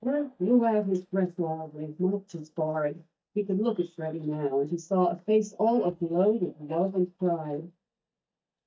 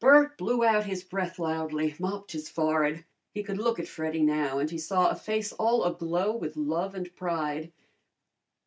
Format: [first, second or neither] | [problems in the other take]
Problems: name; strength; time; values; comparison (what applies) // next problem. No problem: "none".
second | noise reduction (neural mask model DeepFilterNet 3)